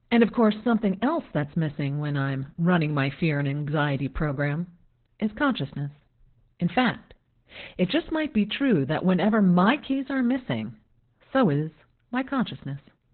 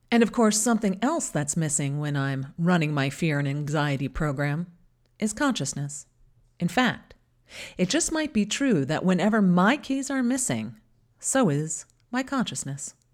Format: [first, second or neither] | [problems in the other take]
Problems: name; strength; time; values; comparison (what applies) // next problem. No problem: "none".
second | garbled, watery; badly; nothing above 4 kHz